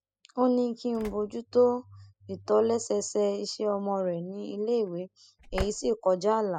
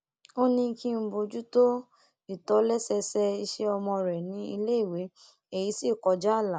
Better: second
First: noise reduction (classical method spectral subtraction)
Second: none

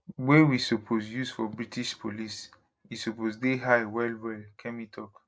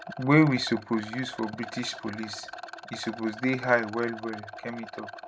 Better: first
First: none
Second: background sound (Rattle); 13 dB below the speech

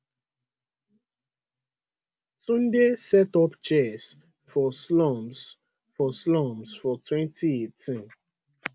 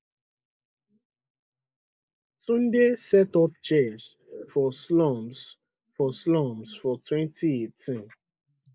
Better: first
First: none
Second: noise reduction (neural mask model Resemble Enhance denoiser)

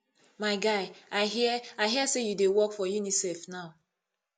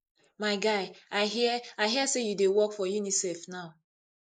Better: first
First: none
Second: noise reduction (neural mask model Resemble Enhance denoiser)

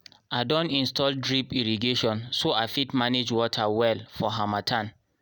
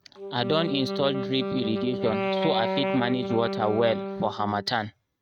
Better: first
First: none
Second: noise reduction (neural mask model RNNoise)

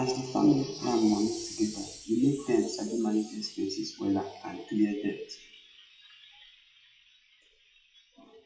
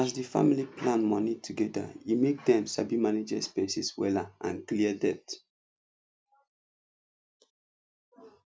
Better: second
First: noise reduction (classical method WPE with log-MMSE)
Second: none

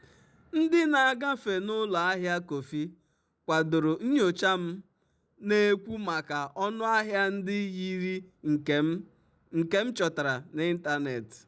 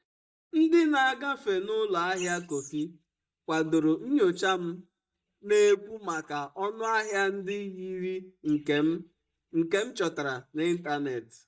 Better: first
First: none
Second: noise reduction (neural mask model DeepFilterNet 3)

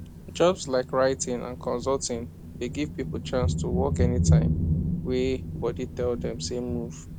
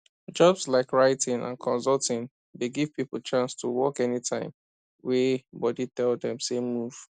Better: second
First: background sound (Thunder); as loud as the speech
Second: none

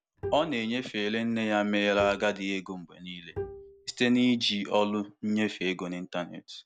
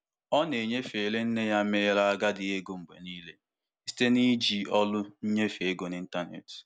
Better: second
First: background sound (Bowed string instrument); 12 dB below the speech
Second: none

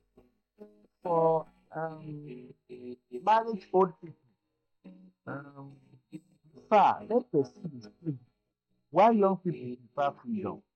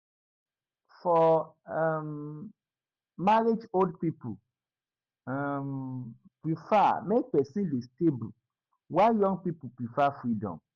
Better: second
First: noise reduction (neural mask model DeepFilterNet 3)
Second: none

